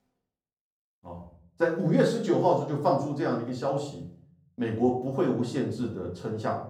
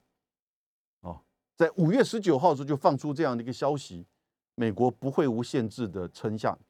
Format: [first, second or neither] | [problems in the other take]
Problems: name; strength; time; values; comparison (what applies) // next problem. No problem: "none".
second | off-mic speech; far // room echo; slight; dies away in 0.5 s